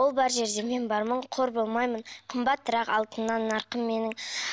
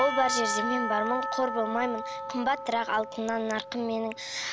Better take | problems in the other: first | background sound (Church bell / Percussion); 4 dB below the speech

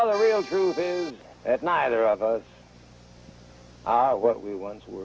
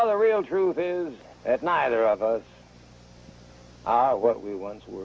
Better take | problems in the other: second | background sound (Accordion); 13 dB below the speech

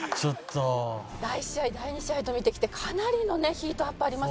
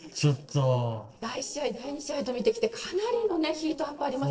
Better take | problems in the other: first | noise reduction (neural separator model SepFormer DNS4)

